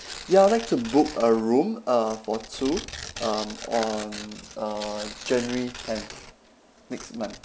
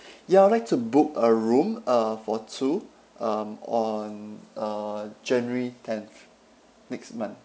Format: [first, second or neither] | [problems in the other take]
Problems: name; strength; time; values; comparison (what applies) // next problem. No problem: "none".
second | background sound (Tearing); 14 dB below the speech